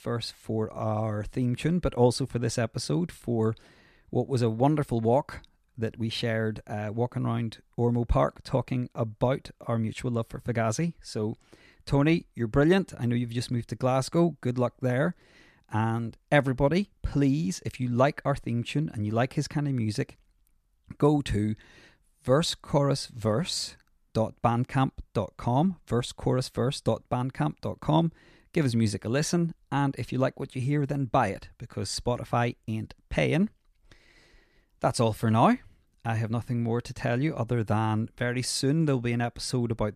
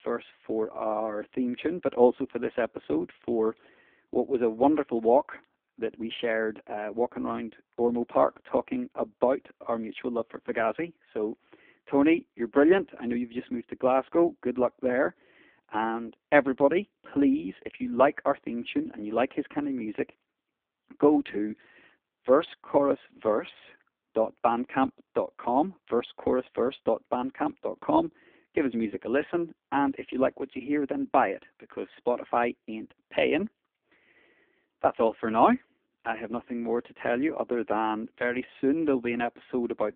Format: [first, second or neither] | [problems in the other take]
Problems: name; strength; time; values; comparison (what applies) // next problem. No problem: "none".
first | phone-call audio; poor line